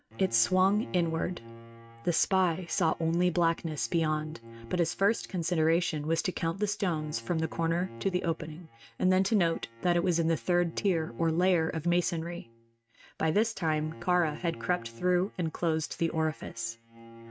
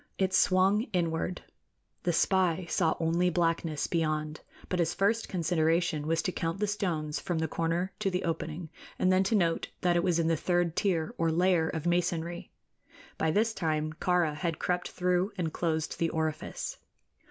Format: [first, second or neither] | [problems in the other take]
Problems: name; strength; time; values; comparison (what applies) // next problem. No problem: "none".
second | noise reduction (neural mask model RNNoise)